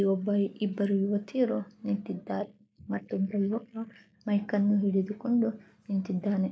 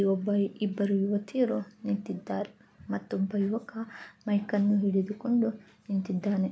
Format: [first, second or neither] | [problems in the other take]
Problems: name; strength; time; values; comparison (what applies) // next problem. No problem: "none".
second | noise reduction (neural mask model Resemble Enhance denoiser)